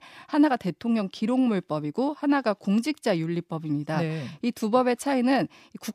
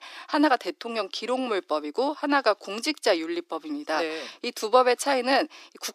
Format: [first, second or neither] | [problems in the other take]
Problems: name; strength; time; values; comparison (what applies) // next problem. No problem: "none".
first | thin; somewhat; fading below 300 Hz